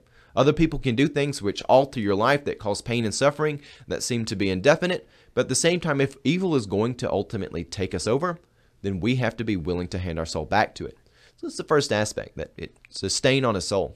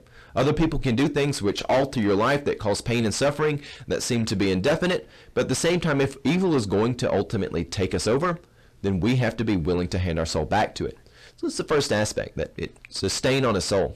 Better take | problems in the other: first | distortion; heavy; 6 dB below the speech

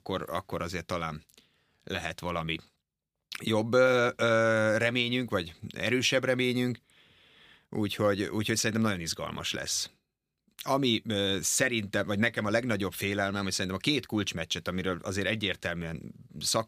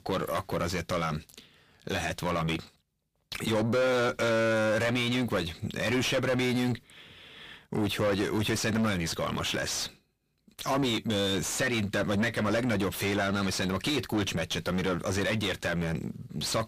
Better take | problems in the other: first | distortion; heavy; 5 dB below the speech

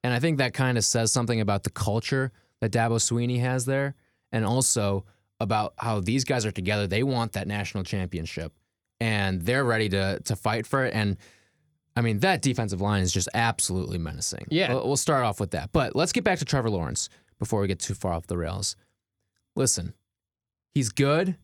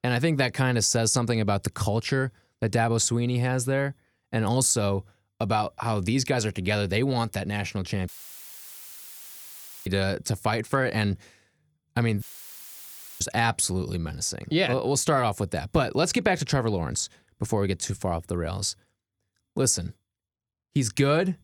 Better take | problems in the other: first | audio cutting out; filled with static; at 8 s for 2 s and at 12 s for 1 s

